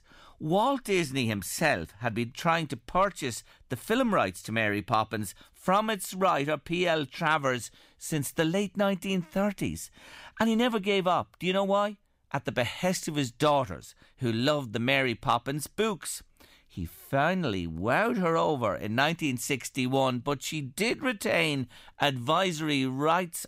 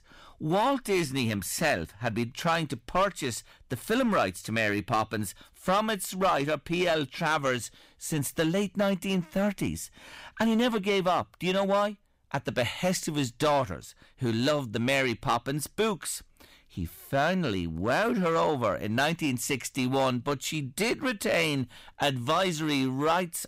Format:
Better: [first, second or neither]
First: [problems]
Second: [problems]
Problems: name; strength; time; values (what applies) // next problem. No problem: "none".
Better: first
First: none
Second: distortion; slight; 5% of the sound clipped